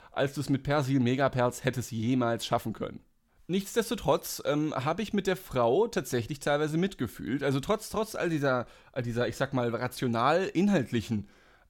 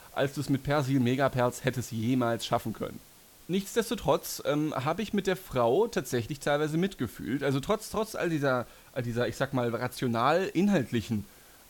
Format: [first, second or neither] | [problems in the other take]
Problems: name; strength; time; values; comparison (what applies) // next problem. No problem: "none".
first | hiss; faint; throughout; 25 dB below the speech